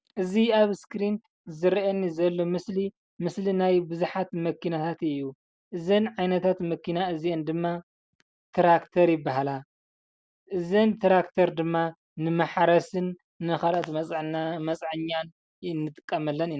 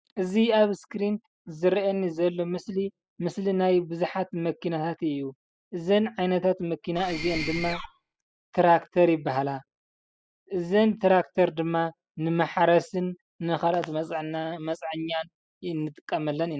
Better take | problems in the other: first | noise reduction (classical method spectral subtraction)

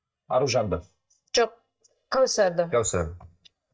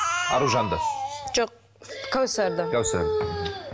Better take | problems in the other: second | noise reduction (neural mask model DeepFilterNet 3)

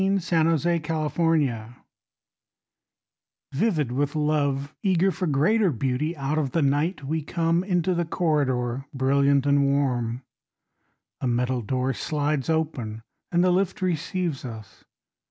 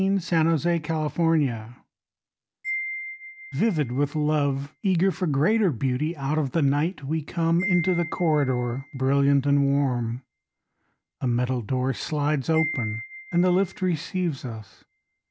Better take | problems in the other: first | background sound (Wind chime); 15 dB below the speech

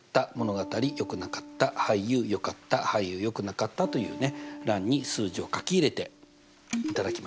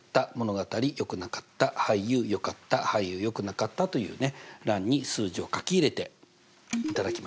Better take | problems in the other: second | background sound (Piano); 14 dB below the speech

